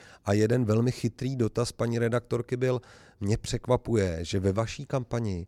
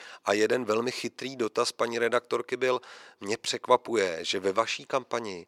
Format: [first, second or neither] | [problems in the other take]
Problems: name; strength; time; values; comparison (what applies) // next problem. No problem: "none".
first | thin; very; fading below 400 Hz